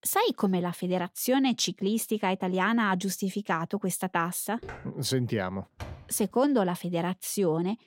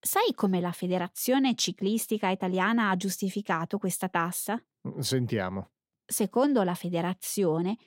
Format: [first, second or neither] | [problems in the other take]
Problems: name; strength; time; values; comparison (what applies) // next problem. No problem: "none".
second | footsteps; faint; at 4.5 s; peak 15 dB below the speech // door banging; faint; at 6 s; peak 15 dB below the speech